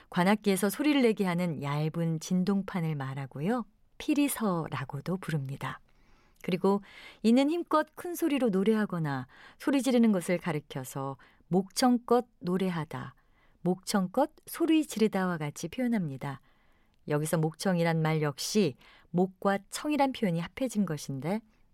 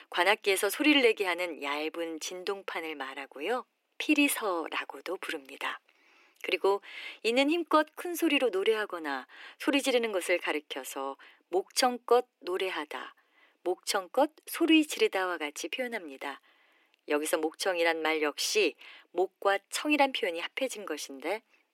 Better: first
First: none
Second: thin; somewhat; fading below 300 Hz

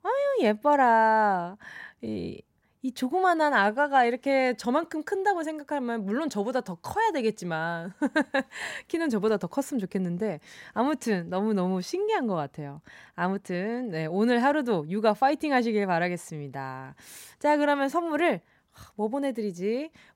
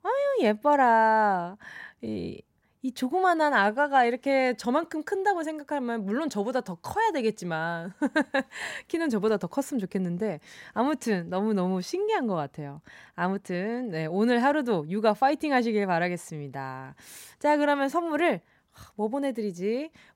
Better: neither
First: none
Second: none

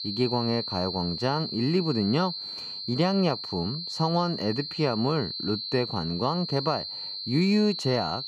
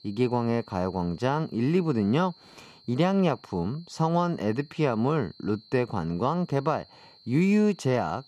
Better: second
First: high-pitched whine; loud; throughout; 4 kHz, 5 dB below the speech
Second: high-pitched whine; faint; throughout; 4 kHz, 25 dB below the speech

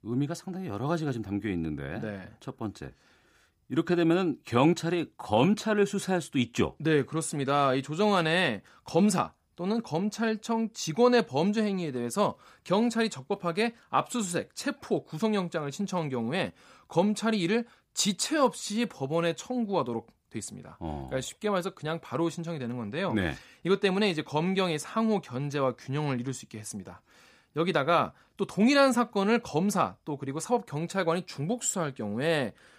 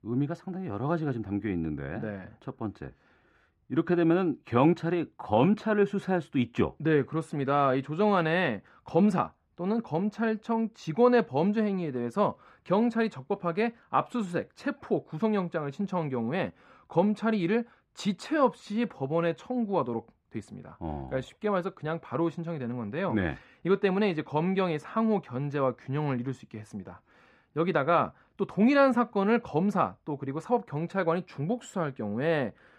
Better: first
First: none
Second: muffled; very; fading above 4 kHz

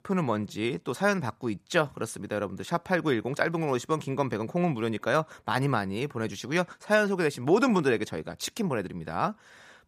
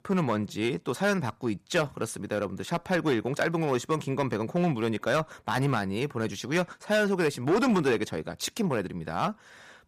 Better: first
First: none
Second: distortion; slight; 4% of the sound clipped

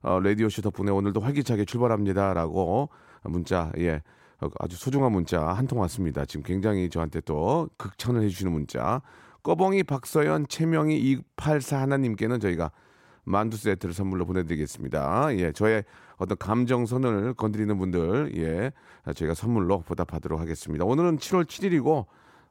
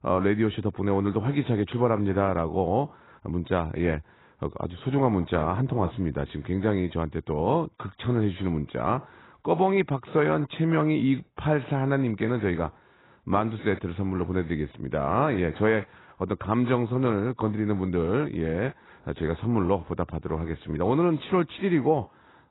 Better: first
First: none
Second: garbled, watery; badly; nothing above 4 kHz

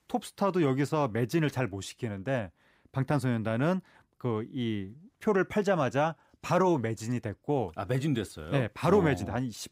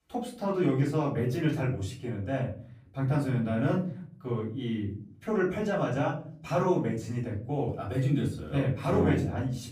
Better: first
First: none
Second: off-mic speech; far // room echo; slight; dies away in 0.7 s

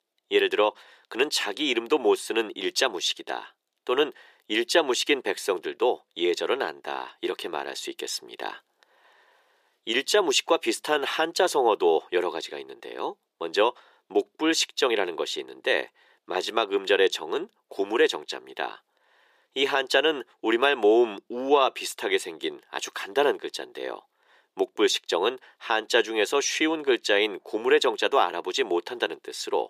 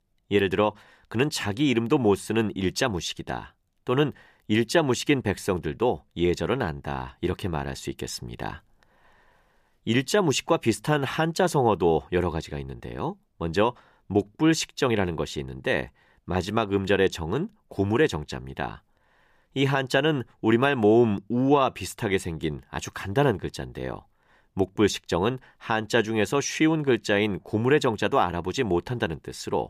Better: second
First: thin; very; fading below 400 Hz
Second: none

